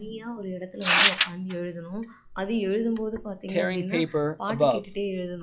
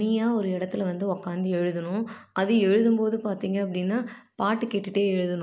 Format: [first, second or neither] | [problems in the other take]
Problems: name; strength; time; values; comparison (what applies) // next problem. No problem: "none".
second | noise reduction (classical method log-MMSE)